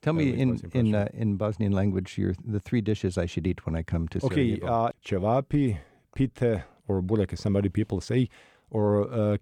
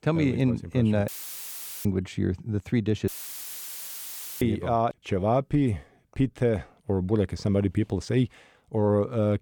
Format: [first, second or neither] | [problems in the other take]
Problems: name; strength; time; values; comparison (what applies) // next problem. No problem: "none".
first | audio cutting out; filled with static; at 1 s for 1 s and at 3 s for 1.5 s